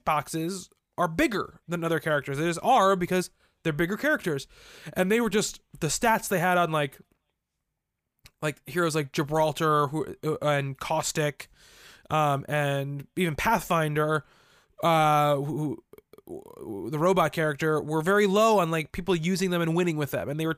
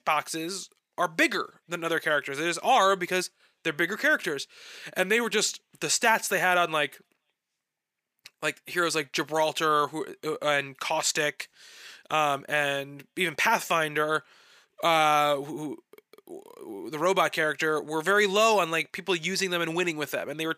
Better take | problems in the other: first | thin; somewhat; fading below 300 Hz

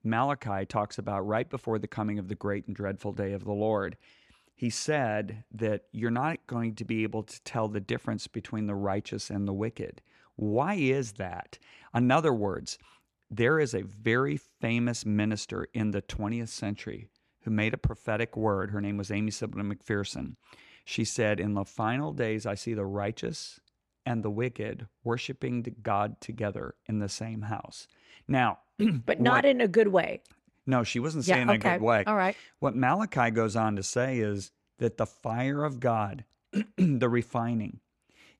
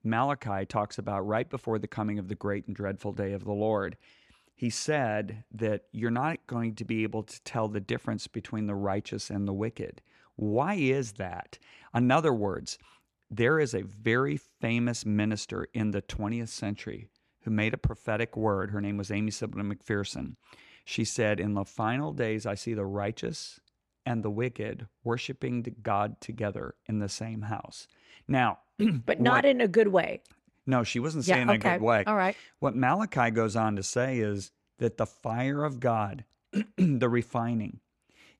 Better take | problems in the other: neither | none

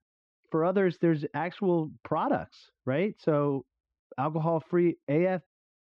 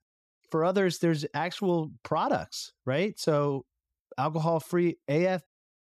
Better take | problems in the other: second | muffled; very; fading above 2.5 kHz

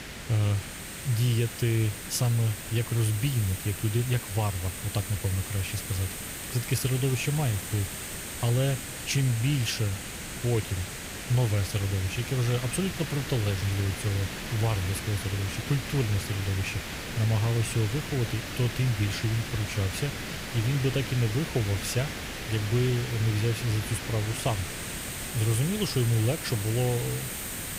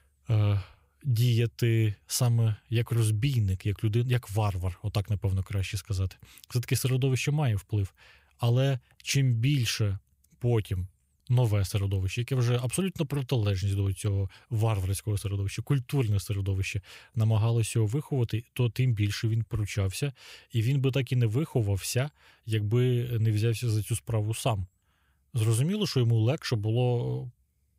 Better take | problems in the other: second | hiss; loud; throughout; 6 dB below the speech

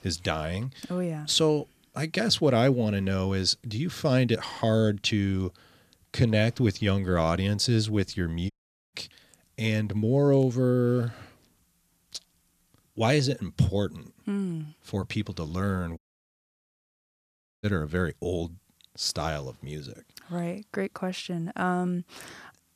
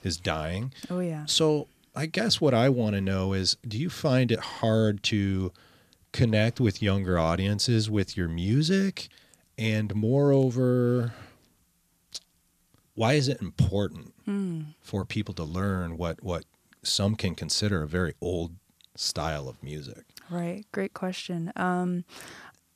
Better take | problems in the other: second | audio cutting out; at 8.5 s and at 16 s for 1.5 s

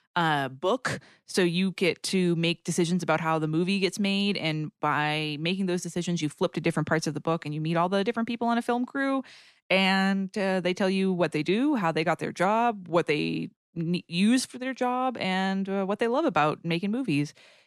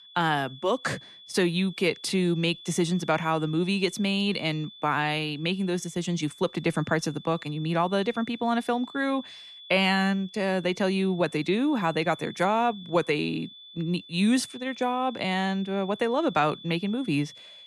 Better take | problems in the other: first | high-pitched whine; noticeable; throughout; 3.5 kHz, 20 dB below the speech

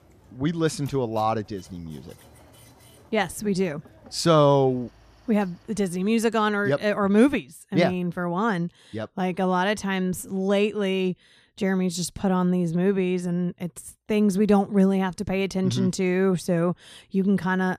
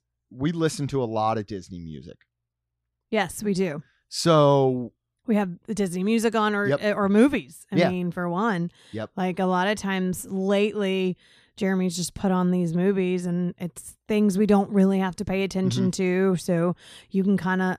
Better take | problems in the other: second | machinery noise; faint; until 6 s; 30 dB below the speech

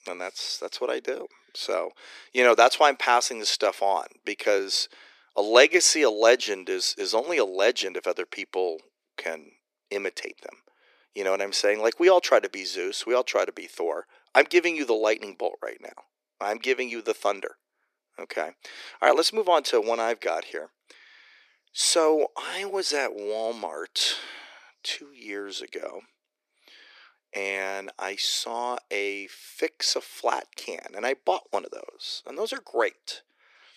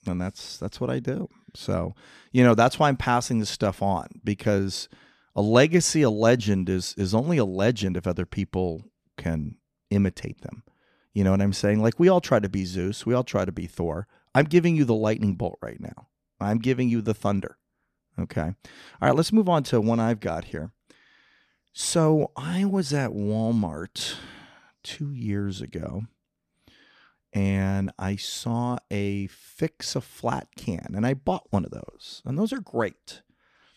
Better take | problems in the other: second | thin; very; fading below 350 Hz

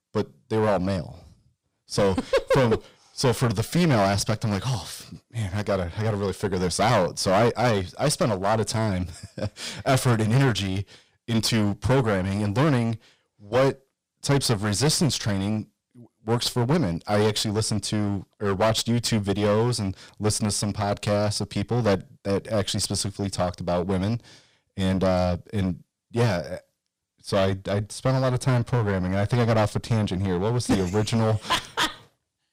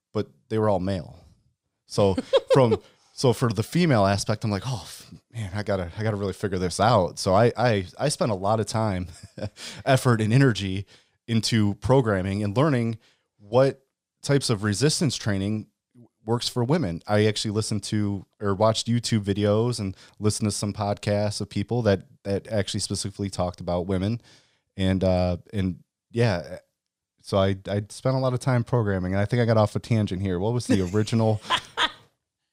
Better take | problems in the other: second | distortion; heavy; 11% of the sound clipped

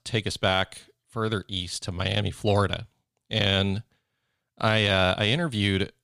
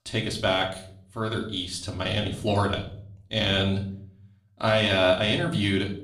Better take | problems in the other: first | room echo; slight; dies away in 0.5 s // off-mic speech; somewhat distant

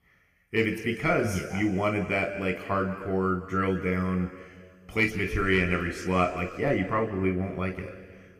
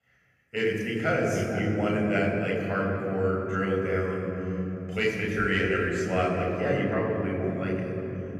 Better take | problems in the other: first | room echo; strong; dies away in 3 s; slight in the first // off-mic speech; far

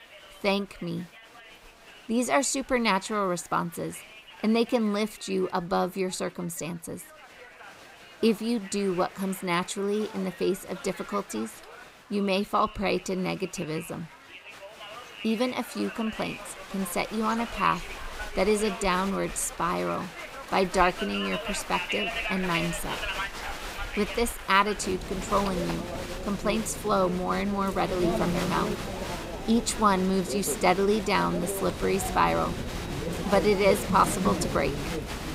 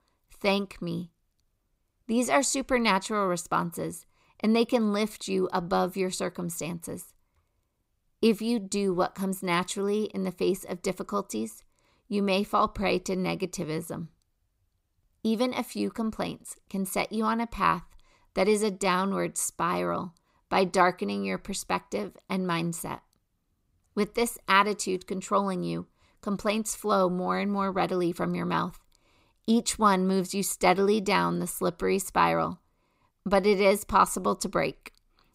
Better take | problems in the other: second | crowd noise; loud; throughout; 7 dB below the speech

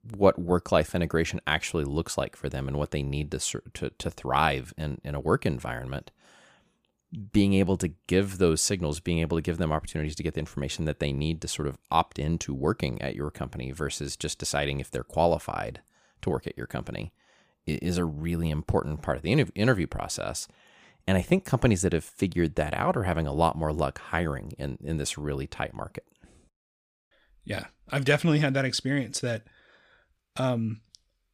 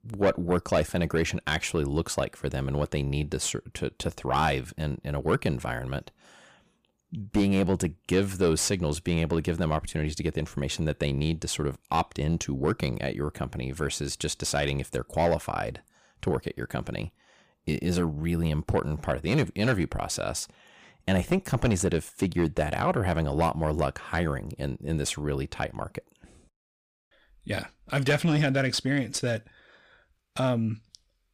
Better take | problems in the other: first | distortion; slight; 10 dB below the speech

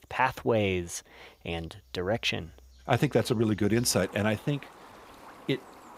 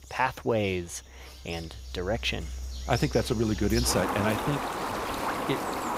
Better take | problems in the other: first | animal sounds; loud; throughout; 4 dB below the speech; faint in the first

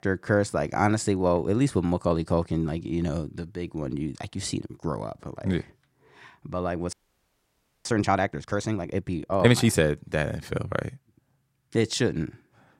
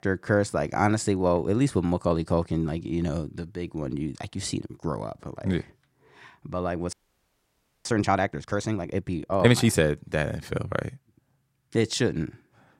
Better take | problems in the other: neither | audio freezing; at 7 s for 1 s; the same in both

